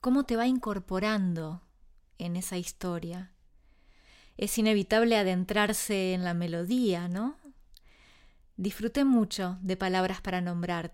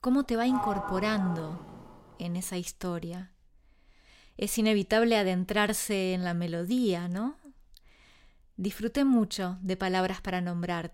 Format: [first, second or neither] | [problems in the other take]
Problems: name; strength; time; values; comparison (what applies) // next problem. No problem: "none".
first | door banging; noticeable; until 2 s; peak 3 dB below the speech